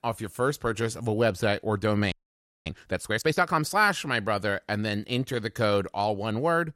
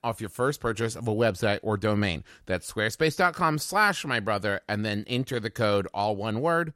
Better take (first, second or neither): second